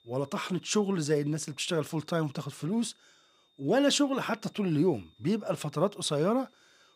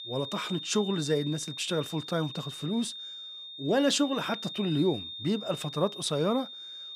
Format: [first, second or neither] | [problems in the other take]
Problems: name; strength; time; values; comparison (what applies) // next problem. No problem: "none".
first | high-pitched whine; loud; throughout; 3.5 kHz, 9 dB below the speech; faint in the first